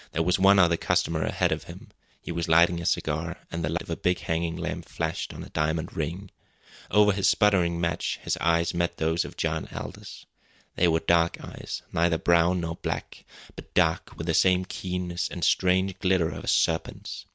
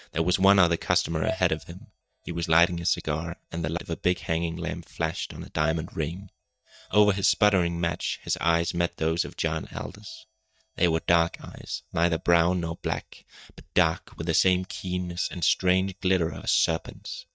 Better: first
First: none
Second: noise reduction (neural mask model DeepFilterNet 3)

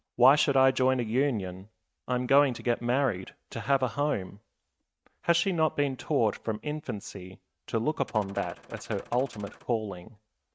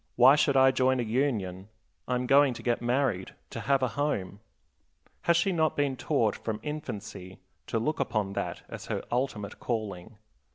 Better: second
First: noise reduction (neural mask model RNNoise)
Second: none

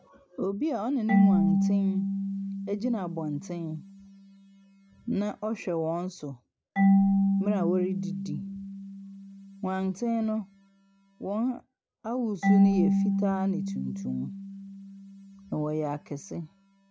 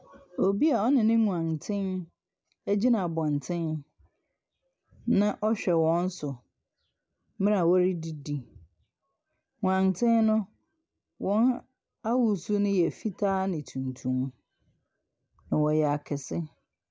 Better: second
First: background sound (Marimba, xylophone / Wood); 3 dB above the speech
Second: none

